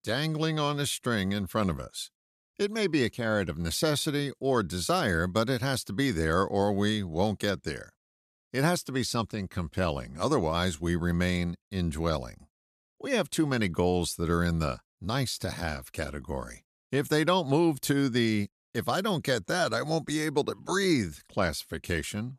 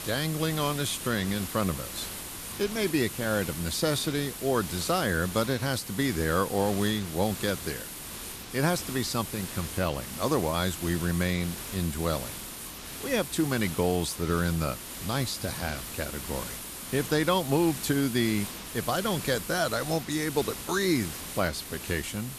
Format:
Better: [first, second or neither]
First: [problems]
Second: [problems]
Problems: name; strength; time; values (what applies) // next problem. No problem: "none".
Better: first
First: none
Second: hiss; loud; throughout; 8 dB below the speech